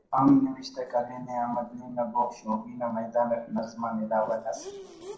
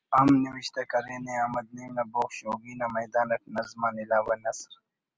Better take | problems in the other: second | noise reduction (neural separator model SepFormer DNS4)

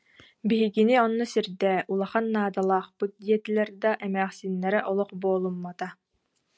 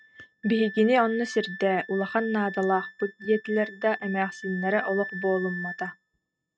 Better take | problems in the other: first | noise reduction (neural mask model RNNoise)

